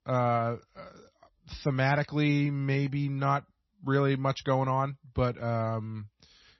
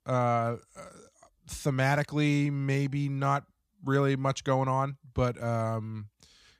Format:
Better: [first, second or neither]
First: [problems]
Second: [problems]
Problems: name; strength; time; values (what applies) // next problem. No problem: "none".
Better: second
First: garbled, watery; slightly; nothing above 6 kHz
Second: none